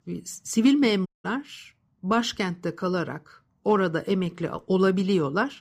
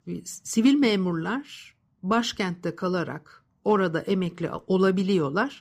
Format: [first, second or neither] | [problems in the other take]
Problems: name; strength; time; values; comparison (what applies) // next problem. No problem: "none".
second | audio cutting out; at 1 s